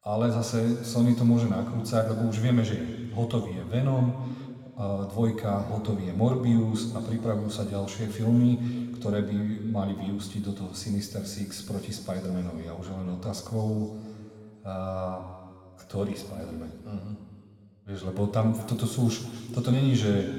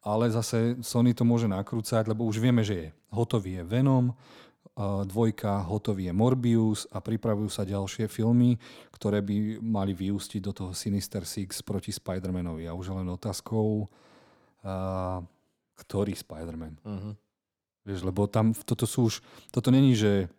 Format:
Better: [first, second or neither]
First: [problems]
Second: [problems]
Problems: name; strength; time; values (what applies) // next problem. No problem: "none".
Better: second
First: room echo; noticeable; dies away in 2.2 s // off-mic speech; somewhat distant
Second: none